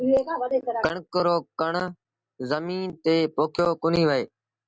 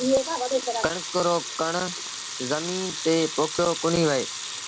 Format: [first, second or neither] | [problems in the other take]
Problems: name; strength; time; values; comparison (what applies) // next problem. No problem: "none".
first | background sound (Sink (filling or washing) / Water tap, faucet / Liquid); 7 dB below the speech